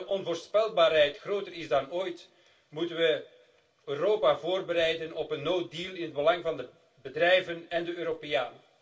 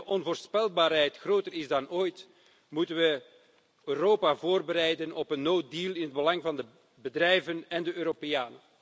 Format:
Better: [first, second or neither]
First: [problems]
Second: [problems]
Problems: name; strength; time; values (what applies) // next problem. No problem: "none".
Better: second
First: room echo; dies away in 0.2 s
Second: none